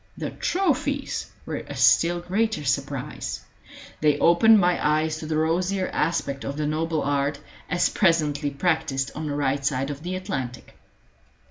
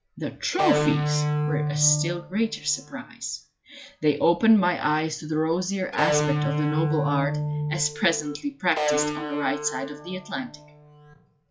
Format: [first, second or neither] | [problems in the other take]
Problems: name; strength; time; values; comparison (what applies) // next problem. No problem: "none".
first | noise reduction (classical method log-MMSE)